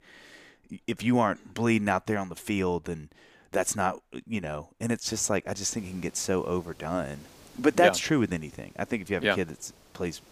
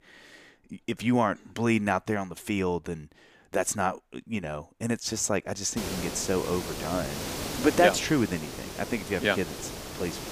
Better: first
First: hiss; faint; from 6 s on; 25 dB below the speech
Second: hiss; loud; from 6 s on; 7 dB below the speech

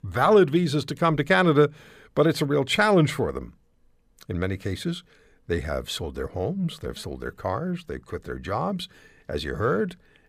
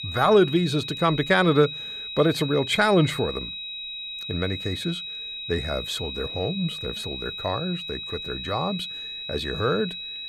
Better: first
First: none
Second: high-pitched whine; loud; throughout; 4 kHz, 7 dB below the speech

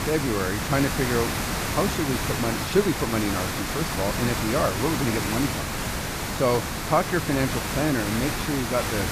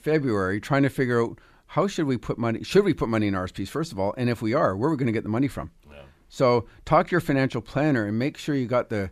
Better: second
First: hiss; loud; throughout; 1 dB below the speech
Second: none

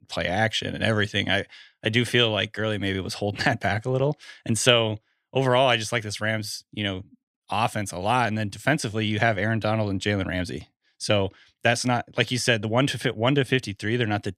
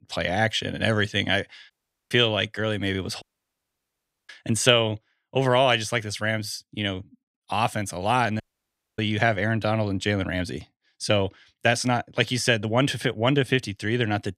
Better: first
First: none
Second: audio cutting out; at 1.5 s, at 3 s for 1 s and at 8.5 s for 0.5 s

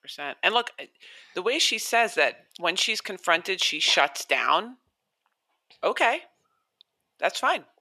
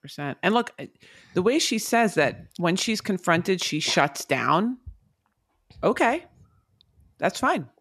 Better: second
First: thin; very; fading below 600 Hz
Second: none

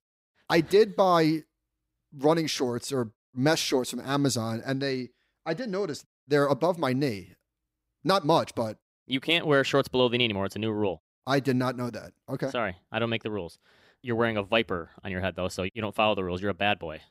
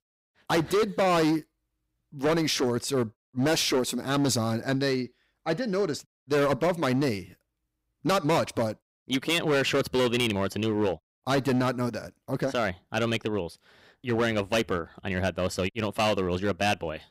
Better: first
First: none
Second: distortion; heavy; 10% of the sound clipped

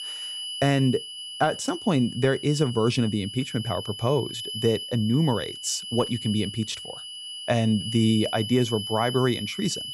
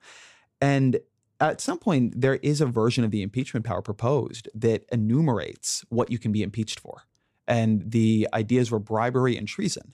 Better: second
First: high-pitched whine; loud; throughout; 3 kHz, 8 dB below the speech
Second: none

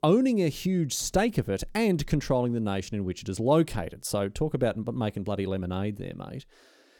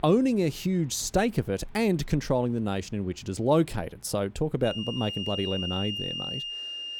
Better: first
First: none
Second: background music; loud; throughout; 5 dB below the speech

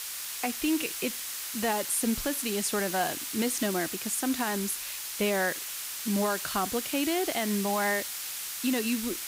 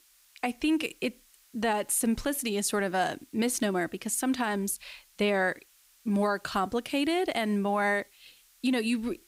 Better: second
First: hiss; loud; throughout; 3 dB below the speech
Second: hiss; faint; throughout; 30 dB below the speech

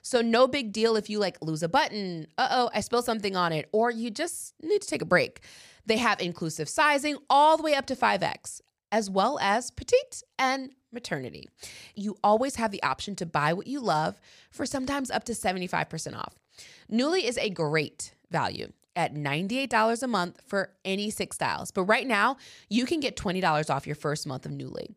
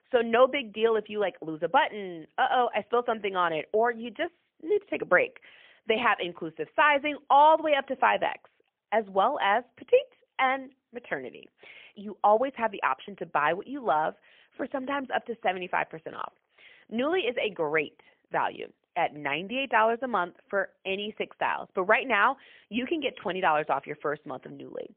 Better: first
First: none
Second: phone-call audio; poor line; nothing above 3.5 kHz

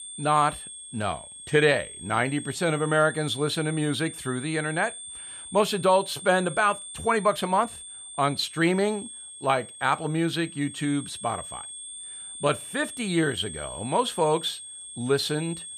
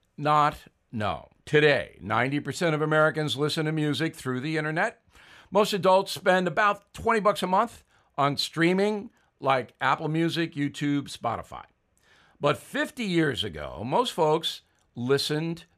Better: second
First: high-pitched whine; noticeable; throughout; 8.5 kHz, 10 dB below the speech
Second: none

